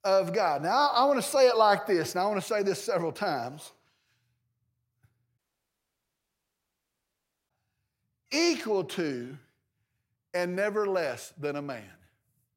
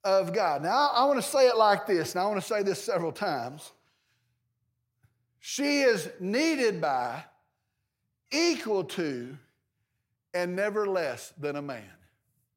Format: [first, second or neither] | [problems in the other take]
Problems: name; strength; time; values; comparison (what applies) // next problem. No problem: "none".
second | audio cutting out; at 5.5 s for 2 s